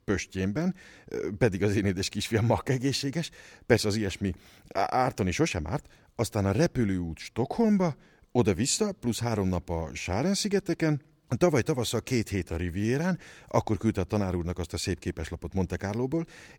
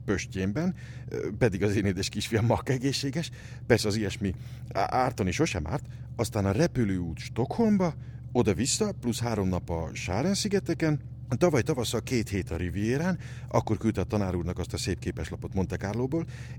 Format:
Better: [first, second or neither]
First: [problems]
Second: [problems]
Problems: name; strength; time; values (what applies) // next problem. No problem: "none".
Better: first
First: none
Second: low rumble; faint; throughout; 25 dB below the speech